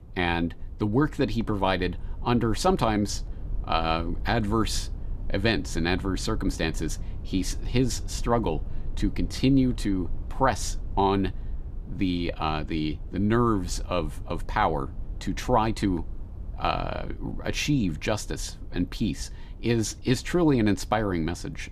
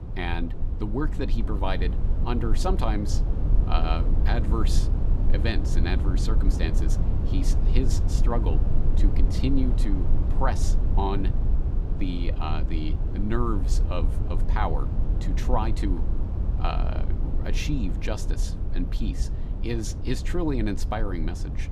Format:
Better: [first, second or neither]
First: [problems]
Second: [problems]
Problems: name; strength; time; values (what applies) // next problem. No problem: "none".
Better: first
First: low rumble; faint; throughout; 25 dB below the speech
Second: low rumble; loud; throughout; 8 dB below the speech